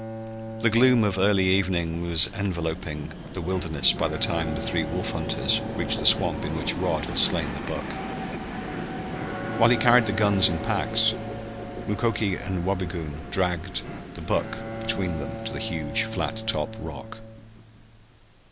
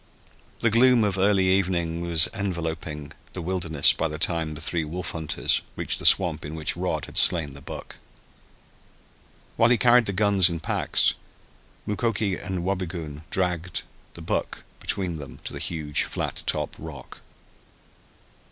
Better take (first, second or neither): second